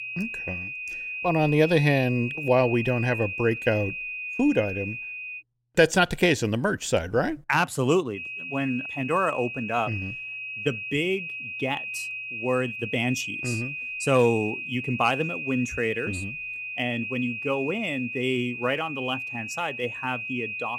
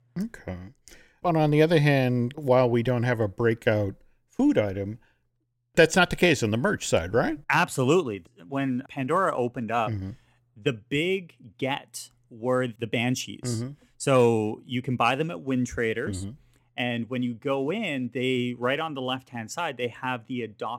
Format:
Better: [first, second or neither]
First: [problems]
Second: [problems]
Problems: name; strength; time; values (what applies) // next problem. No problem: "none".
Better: second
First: high-pitched whine; loud; until 5.5 s and from 8 s on; 2.5 kHz, 6 dB below the speech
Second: none